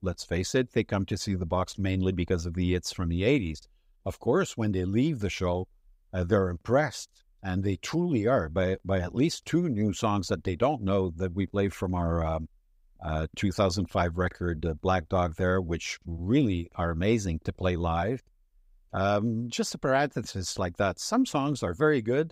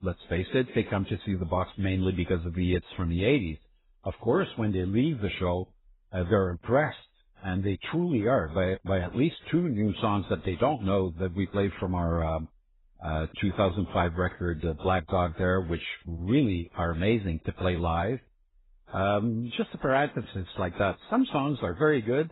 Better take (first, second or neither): first